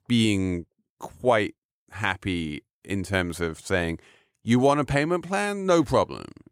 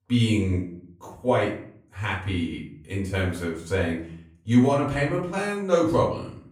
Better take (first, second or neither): first